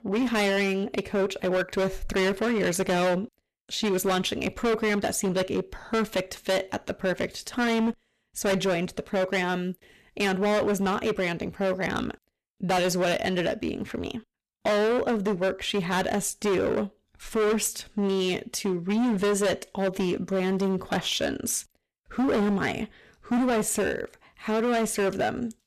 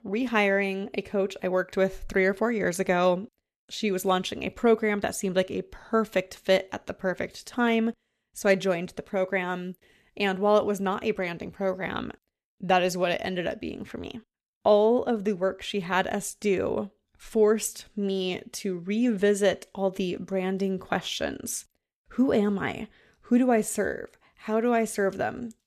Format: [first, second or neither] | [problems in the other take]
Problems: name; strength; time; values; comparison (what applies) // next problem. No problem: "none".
second | distortion; heavy; 17% of the sound clipped